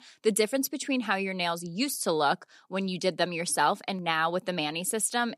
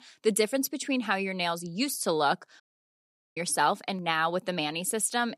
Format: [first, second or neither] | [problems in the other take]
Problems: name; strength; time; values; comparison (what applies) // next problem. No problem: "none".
first | audio cutting out; at 2.5 s for 1 s